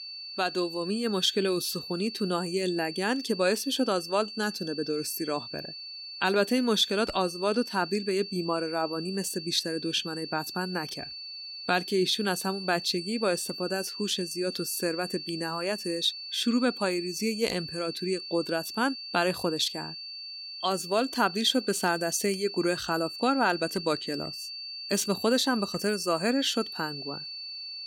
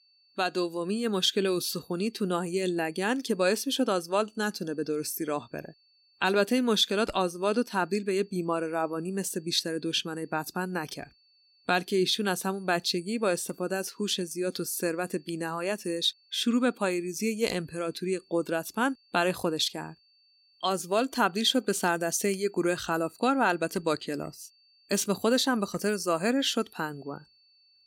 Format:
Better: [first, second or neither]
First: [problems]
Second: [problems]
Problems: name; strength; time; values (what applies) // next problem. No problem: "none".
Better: second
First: high-pitched whine; loud; throughout; 4.5 kHz, 9 dB below the speech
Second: high-pitched whine; faint; throughout; 4.5 kHz, 35 dB below the speech